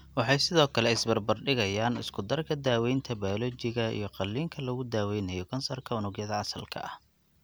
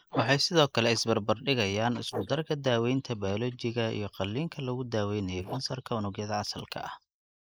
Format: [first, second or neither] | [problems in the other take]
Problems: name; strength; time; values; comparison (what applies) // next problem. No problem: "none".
first | noise reduction (neural mask model Resemble Enhance denoiser)